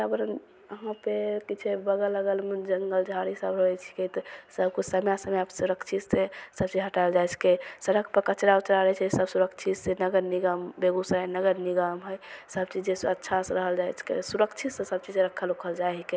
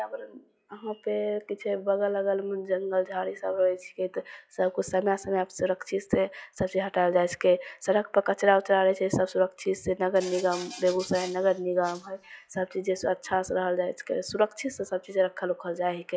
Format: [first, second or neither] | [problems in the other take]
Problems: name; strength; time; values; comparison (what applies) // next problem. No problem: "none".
first | noise reduction (classical method log-MMSE)